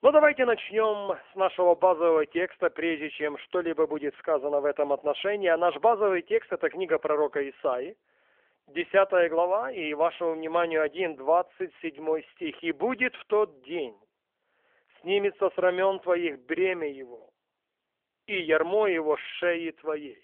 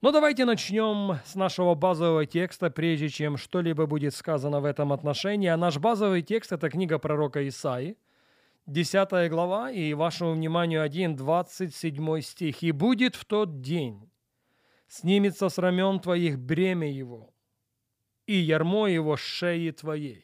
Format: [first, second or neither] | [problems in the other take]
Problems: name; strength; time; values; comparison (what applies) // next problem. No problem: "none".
second | phone-call audio; nothing above 3.5 kHz